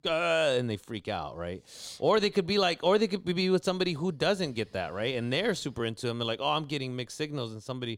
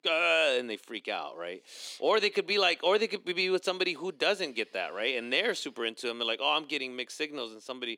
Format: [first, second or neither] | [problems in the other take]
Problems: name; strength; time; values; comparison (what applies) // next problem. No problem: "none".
first | thin; somewhat; fading below 250 Hz